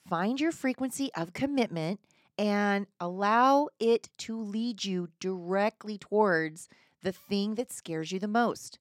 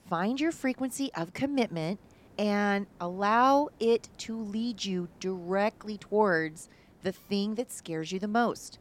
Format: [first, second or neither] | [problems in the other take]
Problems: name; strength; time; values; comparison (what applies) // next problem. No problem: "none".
first | hiss; faint; throughout; 30 dB below the speech